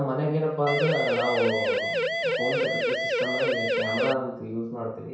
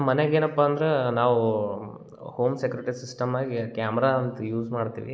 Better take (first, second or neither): second